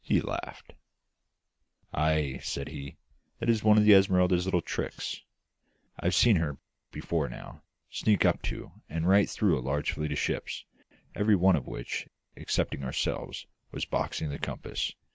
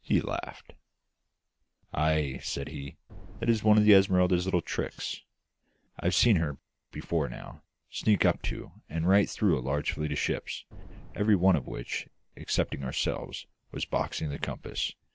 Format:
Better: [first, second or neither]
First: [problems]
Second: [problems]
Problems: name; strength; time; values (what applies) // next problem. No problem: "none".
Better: first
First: none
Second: background sound (Boom); 18 dB below the speech